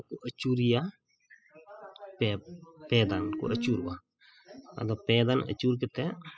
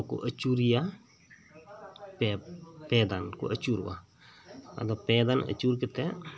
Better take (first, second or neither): second